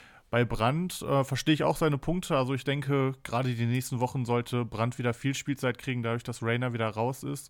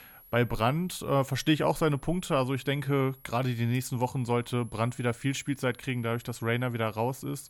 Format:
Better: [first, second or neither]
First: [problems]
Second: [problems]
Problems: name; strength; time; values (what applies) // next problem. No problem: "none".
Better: first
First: none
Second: high-pitched whine; faint; throughout; 11 kHz, 25 dB below the speech